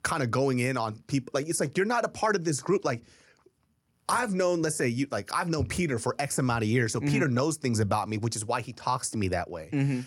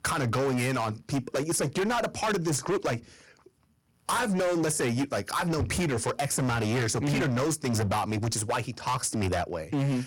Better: first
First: none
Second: distortion; heavy; 22% of the sound clipped

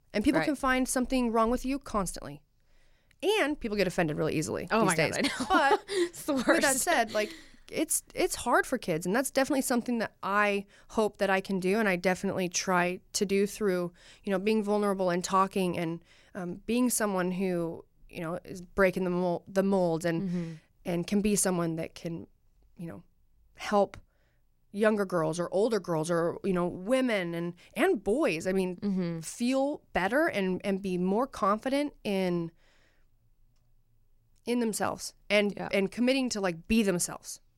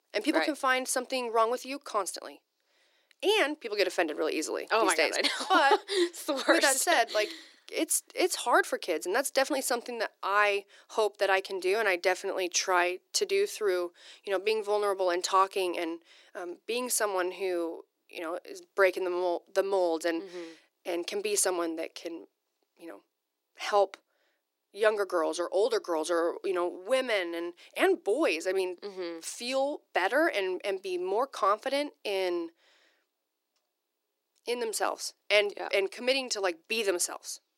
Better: first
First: none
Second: thin; very; fading below 350 Hz

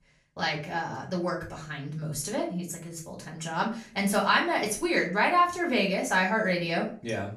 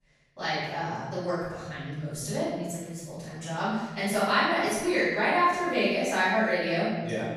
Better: first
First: room echo; slight; dies away in 0.4 s // off-mic speech; far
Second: room echo; strong; dies away in 1.3 s // off-mic speech; far

